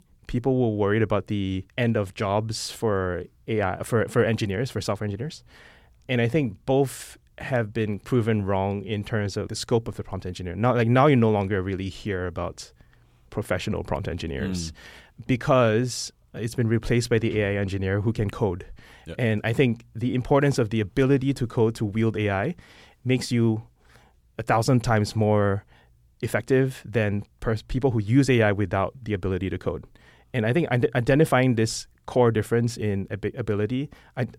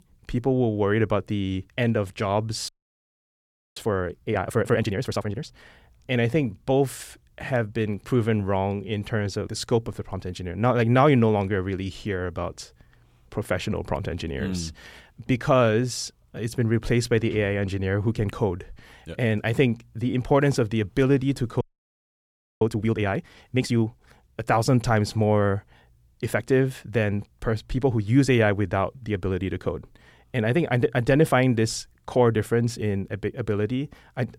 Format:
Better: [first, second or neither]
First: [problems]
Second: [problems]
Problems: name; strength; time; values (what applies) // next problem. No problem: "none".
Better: first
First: none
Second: audio freezing; at 2.5 s for 1 s and at 22 s for 1 s